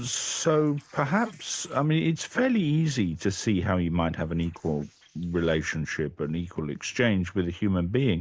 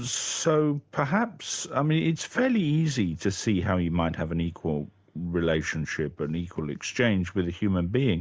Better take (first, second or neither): second